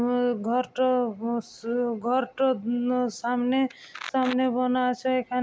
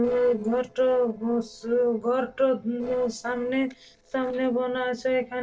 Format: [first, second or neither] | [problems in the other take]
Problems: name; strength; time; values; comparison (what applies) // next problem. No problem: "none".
first | noise reduction (neural separator model SepFormer DNS4)